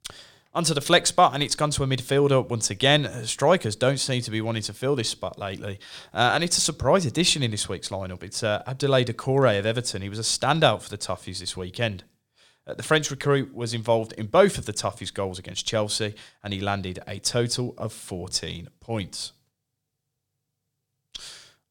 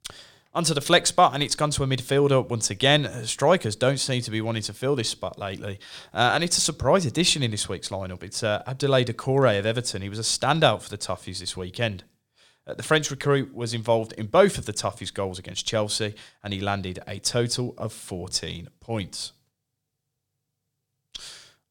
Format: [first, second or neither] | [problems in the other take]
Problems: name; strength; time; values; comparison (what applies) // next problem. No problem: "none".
neither | none